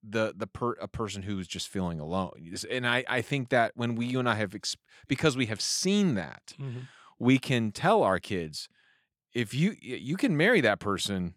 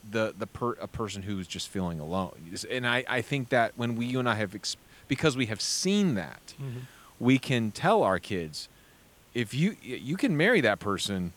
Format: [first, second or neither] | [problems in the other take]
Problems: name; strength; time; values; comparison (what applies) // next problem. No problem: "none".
first | hiss; faint; throughout; 30 dB below the speech